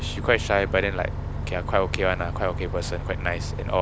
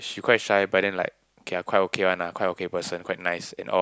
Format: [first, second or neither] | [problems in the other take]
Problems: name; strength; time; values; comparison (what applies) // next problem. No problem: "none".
second | background sound (Bus); 3 dB below the speech